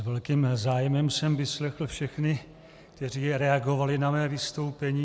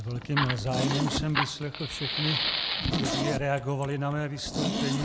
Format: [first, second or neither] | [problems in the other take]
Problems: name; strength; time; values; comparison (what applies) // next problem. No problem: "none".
first | background sound (Zipper (clothing) + Fire); as loud as the speech